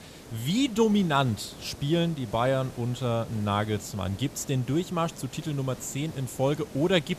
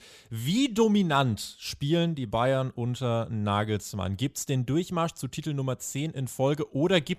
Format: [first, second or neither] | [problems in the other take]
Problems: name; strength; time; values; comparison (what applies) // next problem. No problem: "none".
second | hiss; noticeable; throughout; 15 dB below the speech